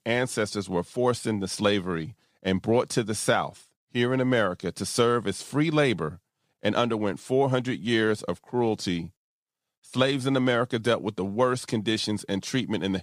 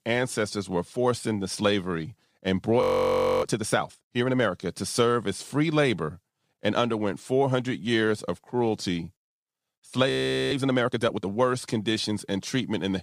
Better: first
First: none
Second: audio freezing; at 3 s for 0.5 s and at 10 s

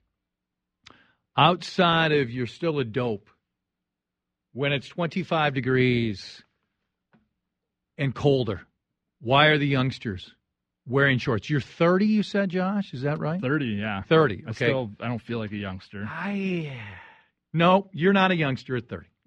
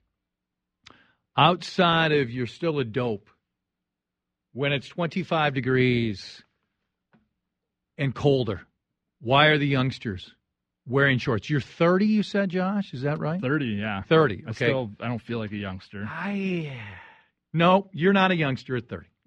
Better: neither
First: muffled; slightly; fading above 4 kHz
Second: muffled; slightly; fading above 4 kHz

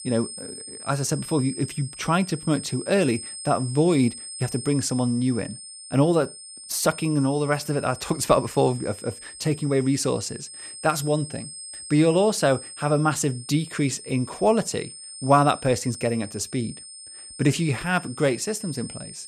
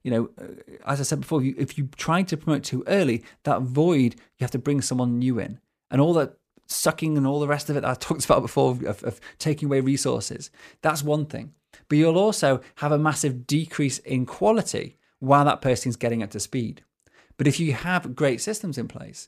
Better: second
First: high-pitched whine; noticeable; throughout; 8.5 kHz, 15 dB below the speech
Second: none

